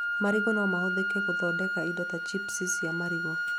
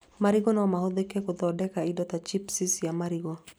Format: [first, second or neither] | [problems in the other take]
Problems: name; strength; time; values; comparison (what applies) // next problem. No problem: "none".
second | background sound (Wind instrument, woodwind instrument); 2 dB above the speech